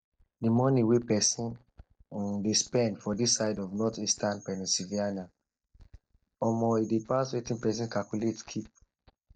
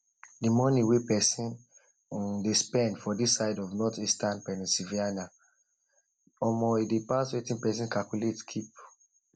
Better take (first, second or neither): second